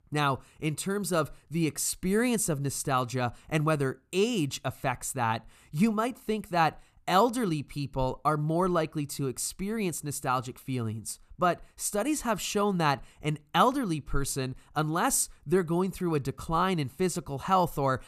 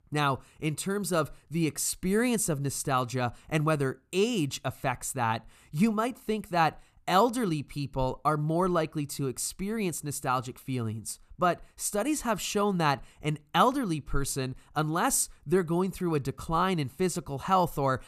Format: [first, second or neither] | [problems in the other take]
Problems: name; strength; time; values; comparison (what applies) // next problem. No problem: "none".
neither | none